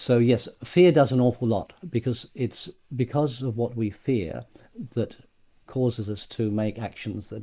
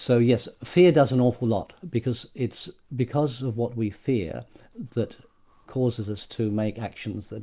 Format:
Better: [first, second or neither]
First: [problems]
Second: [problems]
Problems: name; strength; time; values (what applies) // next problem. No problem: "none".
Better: second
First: noise reduction (neural mask model Resemble Enhance denoiser)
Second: none